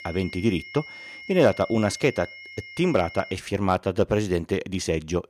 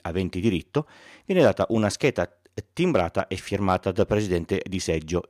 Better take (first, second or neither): second